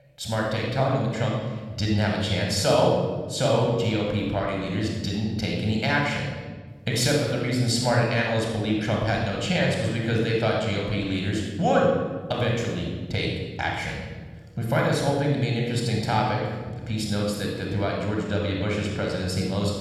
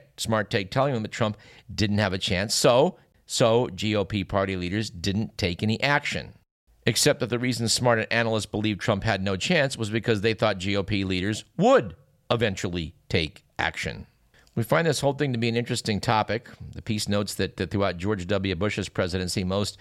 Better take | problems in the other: second | off-mic speech; somewhat distant // room echo; noticeable; dies away in 1.4 s

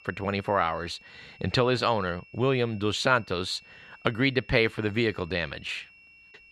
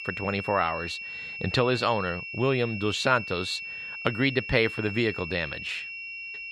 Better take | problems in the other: first | high-pitched whine; loud; throughout; 2.5 kHz, 8 dB below the speech; faint in the first

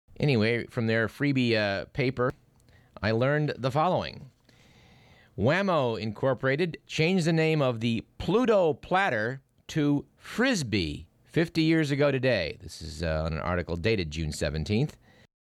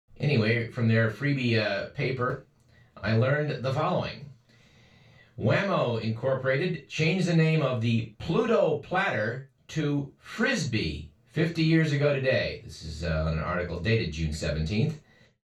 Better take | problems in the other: first | room echo; noticeable; dies away in 0.2 s // off-mic speech; far

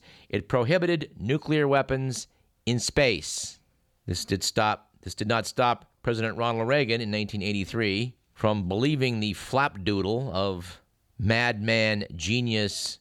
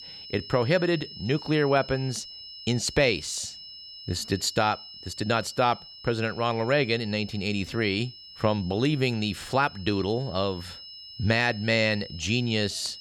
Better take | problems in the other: first | high-pitched whine; noticeable; throughout; 5 kHz, 15 dB below the speech

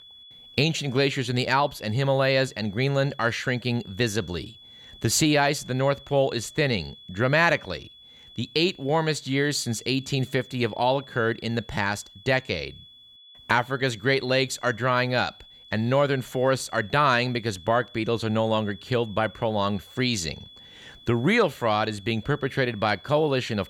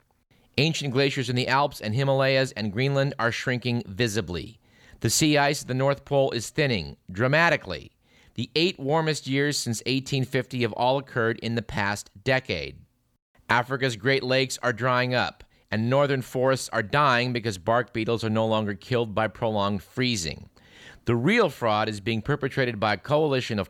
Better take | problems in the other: second | high-pitched whine; faint; throughout; 3.5 kHz, 20 dB below the speech

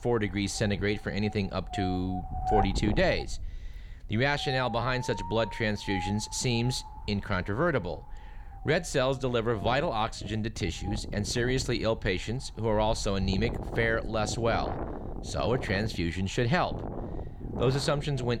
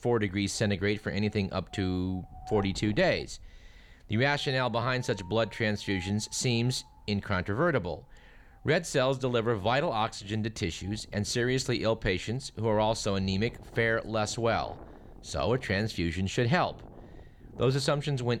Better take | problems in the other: second | wind noise on the microphone; heavy; 8 dB below the speech; occasional gusts in the second

